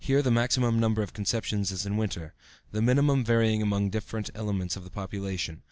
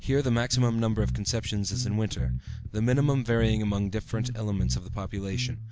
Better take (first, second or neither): first